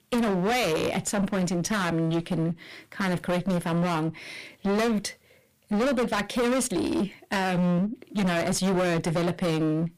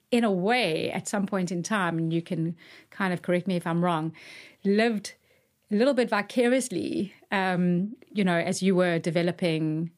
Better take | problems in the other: second | distortion; heavy; 26% of the sound clipped

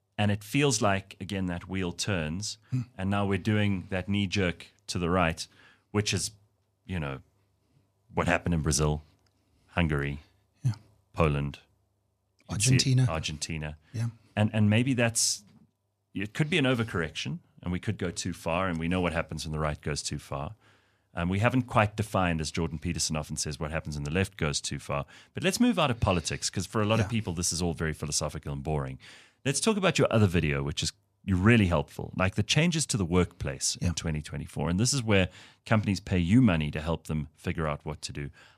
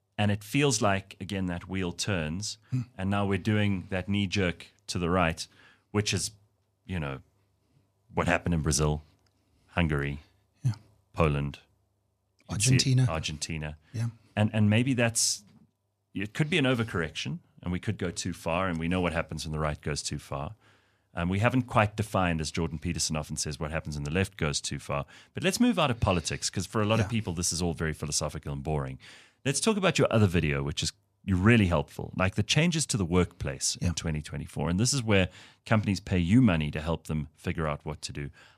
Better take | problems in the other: neither | none

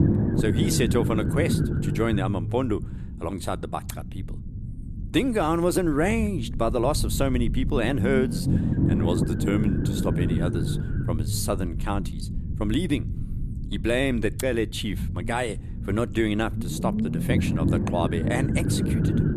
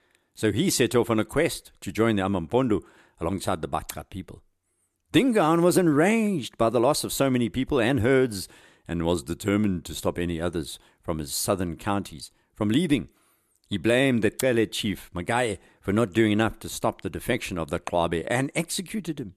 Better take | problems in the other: second | low rumble; loud; throughout; 6 dB below the speech

